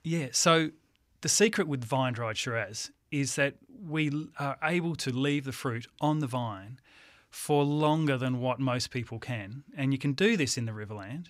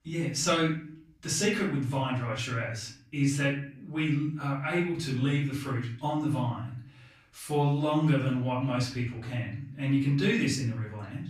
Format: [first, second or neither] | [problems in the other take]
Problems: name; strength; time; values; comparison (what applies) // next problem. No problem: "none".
first | off-mic speech; far // room echo; noticeable; dies away in 0.5 s